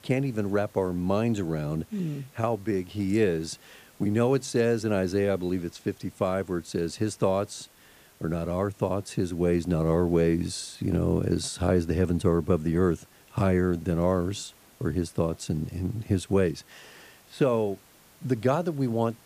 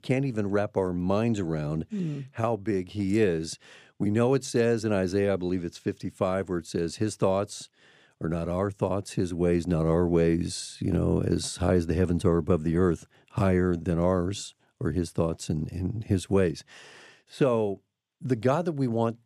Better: second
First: hiss; faint; throughout; 30 dB below the speech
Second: none

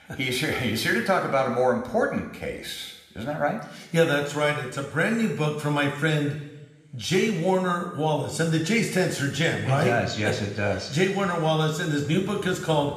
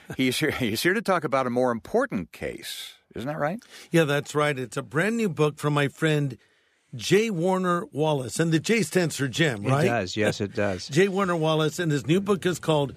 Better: second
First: room echo; noticeable; dies away in 1 s // off-mic speech; somewhat distant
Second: none

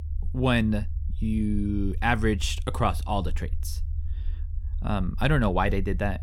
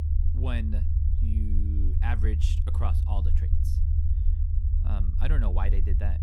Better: first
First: low rumble; faint; throughout; 25 dB below the speech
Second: low rumble; loud; throughout; 5 dB below the speech

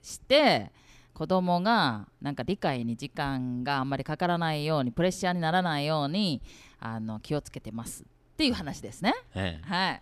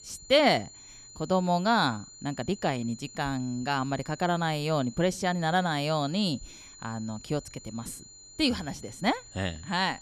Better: first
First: none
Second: high-pitched whine; noticeable; throughout; 7 kHz, 20 dB below the speech

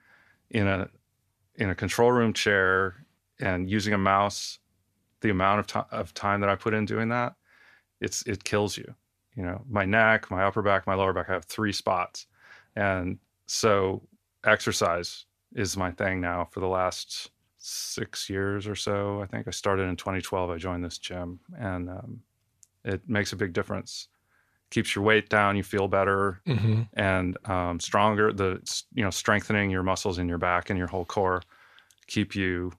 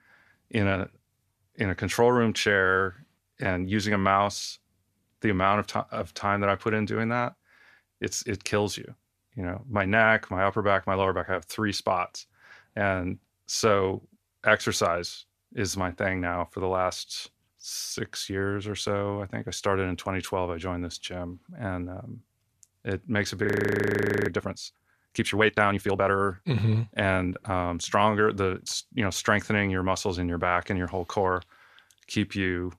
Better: first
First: none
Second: audio freezing; at 23 s for 1 s

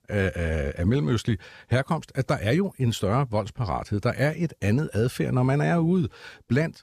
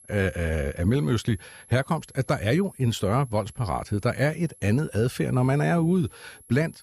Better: first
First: none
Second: high-pitched whine; faint; throughout; 11 kHz, 25 dB below the speech

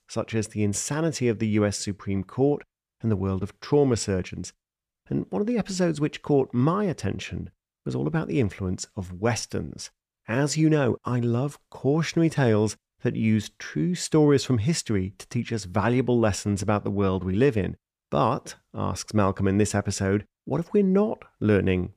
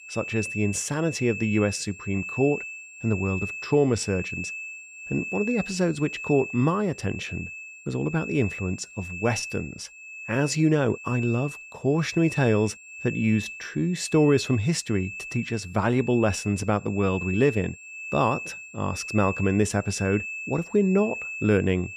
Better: first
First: none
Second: high-pitched whine; loud; throughout; 2.5 kHz, 9 dB below the speech

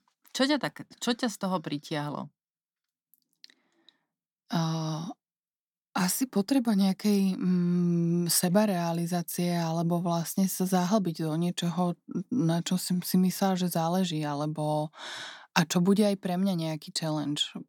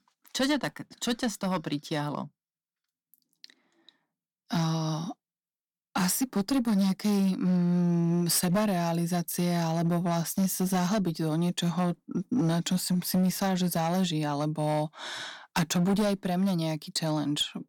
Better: first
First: none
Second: distortion; slight; 9% of the sound clipped

